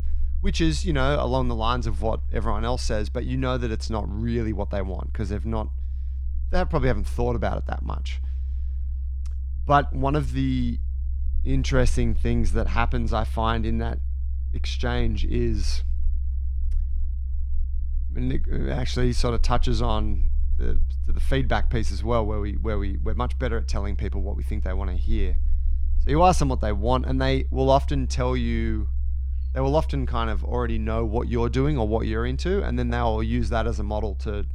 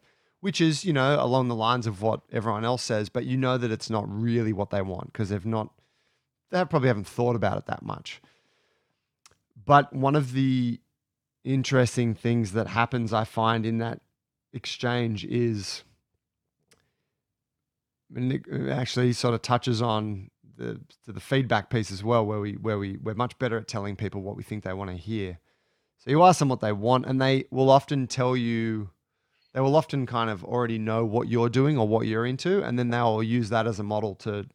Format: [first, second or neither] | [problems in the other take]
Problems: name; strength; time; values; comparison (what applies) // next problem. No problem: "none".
second | low rumble; faint; throughout; 20 dB below the speech